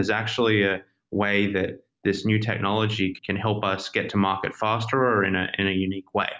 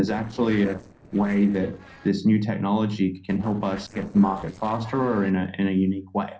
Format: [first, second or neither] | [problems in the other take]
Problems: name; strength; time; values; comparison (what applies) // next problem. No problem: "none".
first | noise reduction (neural separator model SepFormer DNS4)